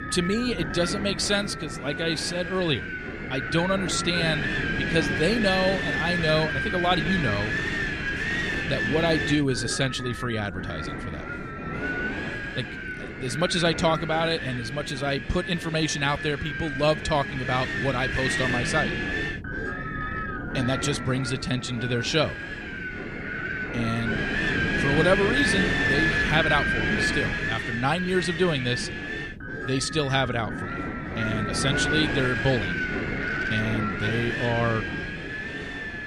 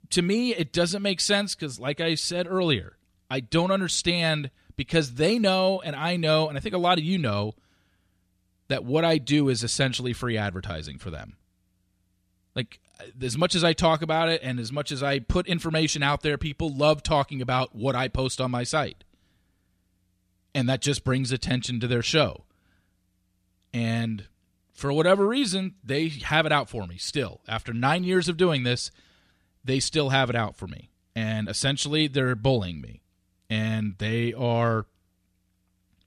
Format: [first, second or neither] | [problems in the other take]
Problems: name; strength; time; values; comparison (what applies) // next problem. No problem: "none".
second | wind noise on the microphone; heavy; as loud as the speech